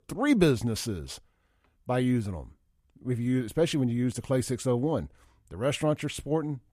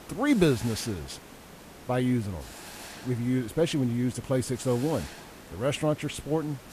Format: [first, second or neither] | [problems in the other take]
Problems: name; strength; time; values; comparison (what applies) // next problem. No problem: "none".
first | hiss; noticeable; throughout; 15 dB below the speech